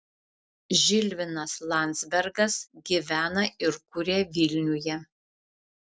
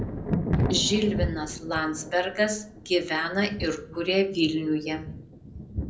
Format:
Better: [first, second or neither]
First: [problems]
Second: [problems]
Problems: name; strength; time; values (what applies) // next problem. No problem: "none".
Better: first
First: none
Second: background sound (Thunder); 5 dB below the speech // room echo; dies away in 0.5 s